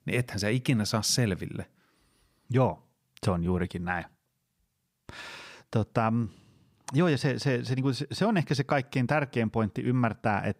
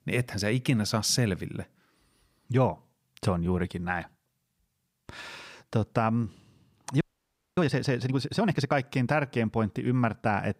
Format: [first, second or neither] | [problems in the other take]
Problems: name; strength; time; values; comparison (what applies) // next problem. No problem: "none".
first | audio freezing; at 7 s for 0.5 s